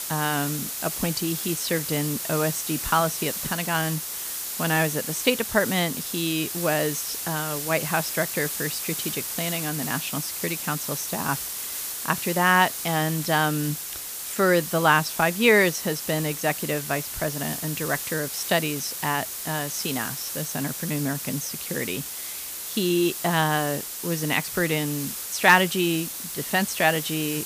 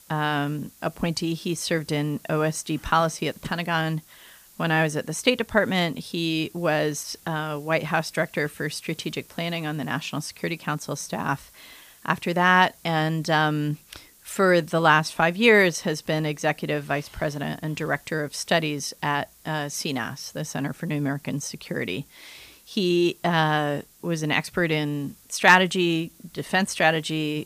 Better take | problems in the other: second | hiss; loud; throughout; 5 dB below the speech; faint in the second

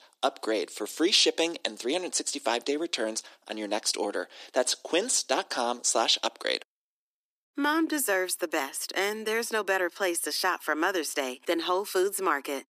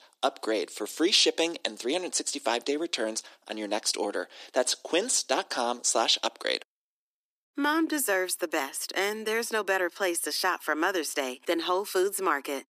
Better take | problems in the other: neither | thin; somewhat; fading below 300 Hz; the same in both

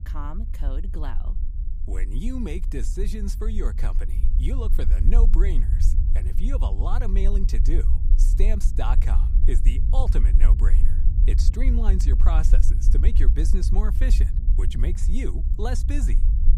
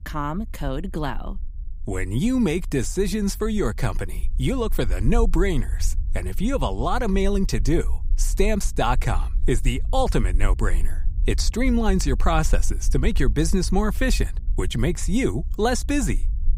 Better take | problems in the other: second | low rumble; loud; throughout; 7 dB below the speech; faint in the second

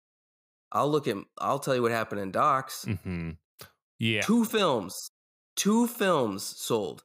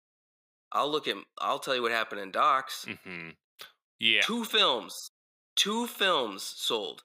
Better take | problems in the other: first | thin; somewhat; fading below 300 Hz

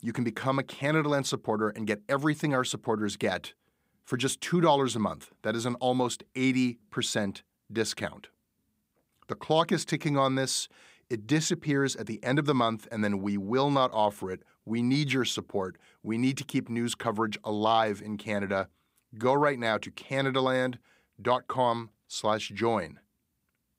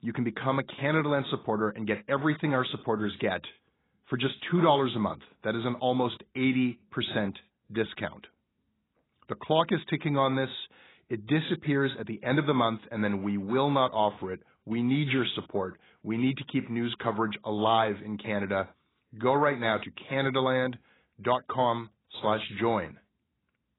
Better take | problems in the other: first | garbled, watery; badly; nothing above 4 kHz

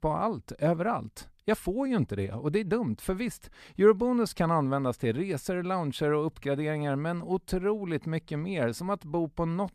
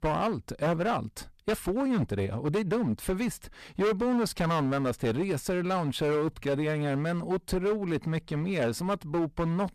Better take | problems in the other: first | distortion; heavy; 14% of the sound clipped

